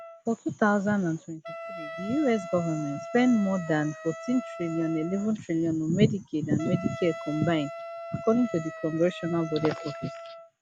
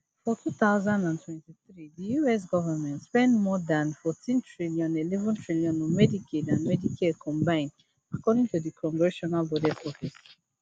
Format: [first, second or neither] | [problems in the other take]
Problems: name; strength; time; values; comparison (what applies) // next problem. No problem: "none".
second | background sound (Wind instrument, woodwind instrument); 13 dB below the speech